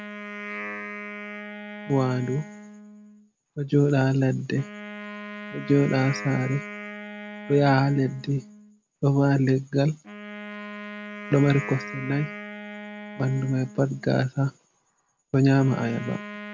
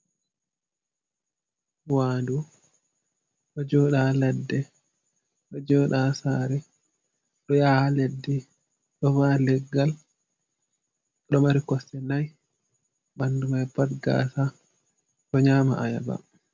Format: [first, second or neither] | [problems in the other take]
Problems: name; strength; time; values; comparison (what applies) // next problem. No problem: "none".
second | background sound (Wind instrument, woodwind instrument); 13 dB below the speech